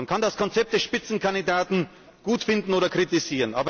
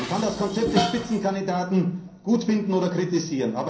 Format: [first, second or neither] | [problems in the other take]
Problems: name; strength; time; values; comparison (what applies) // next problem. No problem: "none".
first | background sound (Dishes, pots, and pans); 9 dB below the speech // room echo; dies away in 0.6 s